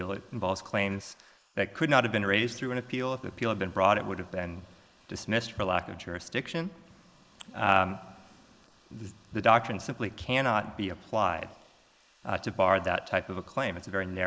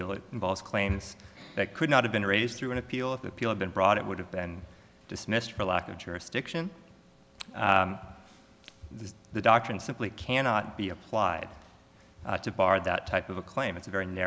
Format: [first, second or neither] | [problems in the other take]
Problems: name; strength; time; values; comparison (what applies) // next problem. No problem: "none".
second | noise reduction (neural mask model Resemble Enhance denoiser)